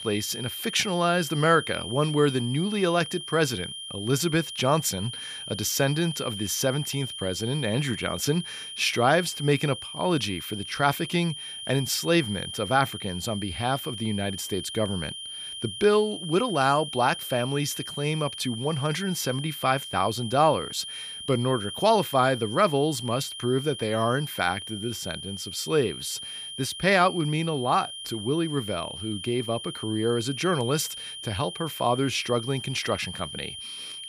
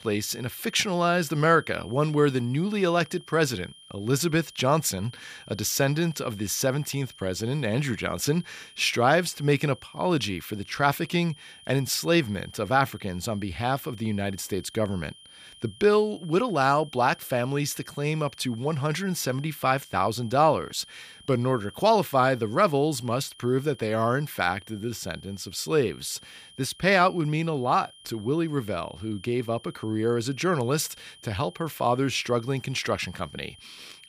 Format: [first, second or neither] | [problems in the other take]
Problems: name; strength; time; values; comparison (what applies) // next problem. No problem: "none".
second | high-pitched whine; loud; throughout; 3 kHz, 9 dB below the speech; faint in the second